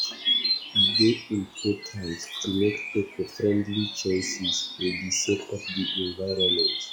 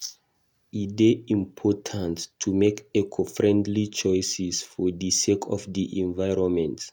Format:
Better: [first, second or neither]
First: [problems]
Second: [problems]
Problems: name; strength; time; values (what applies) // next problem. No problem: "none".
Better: second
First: noise reduction (classical method log-MMSE)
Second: none